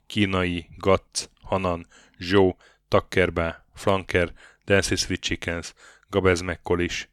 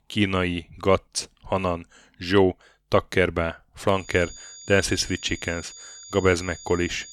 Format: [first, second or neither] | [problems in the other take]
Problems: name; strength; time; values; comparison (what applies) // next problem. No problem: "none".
first | high-pitched whine; noticeable; from 4 s on; 7 kHz, 15 dB below the speech